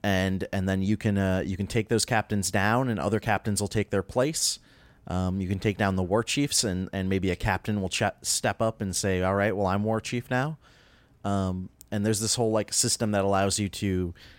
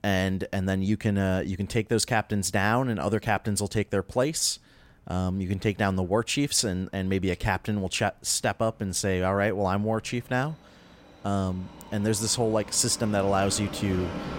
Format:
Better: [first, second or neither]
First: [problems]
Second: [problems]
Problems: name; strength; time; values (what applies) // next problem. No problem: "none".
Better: first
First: none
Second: train or aircraft noise; noticeable; throughout; 15 dB below the speech